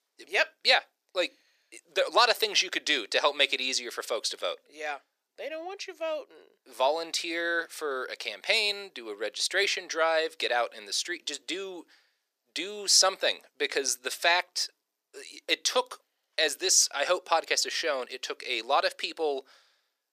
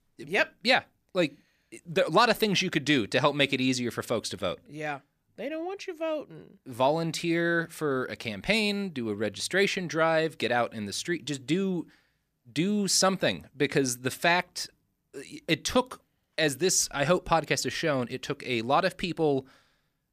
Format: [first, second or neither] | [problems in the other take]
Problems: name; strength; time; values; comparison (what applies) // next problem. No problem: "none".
second | thin; very; fading below 400 Hz